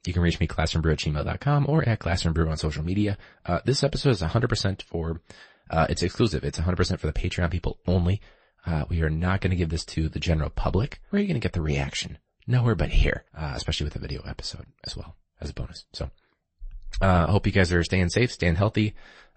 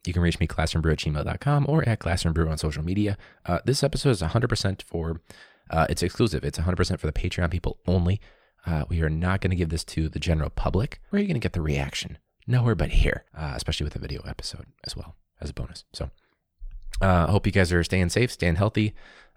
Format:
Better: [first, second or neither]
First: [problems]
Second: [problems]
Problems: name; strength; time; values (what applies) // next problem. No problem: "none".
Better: second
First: garbled, watery; slightly; nothing above 8 kHz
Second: none